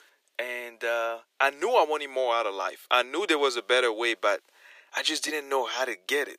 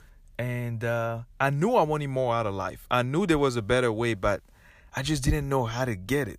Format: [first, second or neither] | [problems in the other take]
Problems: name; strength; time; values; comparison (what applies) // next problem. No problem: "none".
second | thin; very; fading below 350 Hz